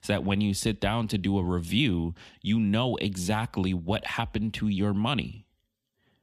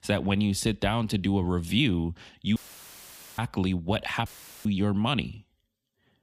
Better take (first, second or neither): first